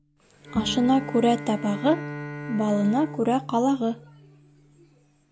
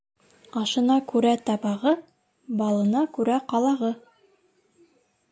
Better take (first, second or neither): second